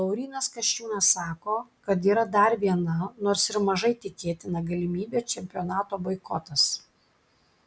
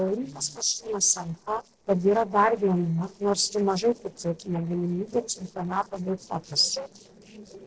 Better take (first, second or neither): first